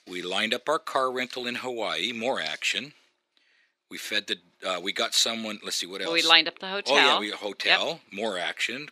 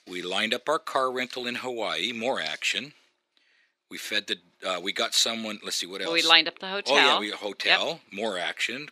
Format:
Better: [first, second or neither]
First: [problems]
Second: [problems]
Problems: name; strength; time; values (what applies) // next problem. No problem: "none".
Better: neither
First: thin; somewhat; fading below 300 Hz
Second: thin; somewhat; fading below 300 Hz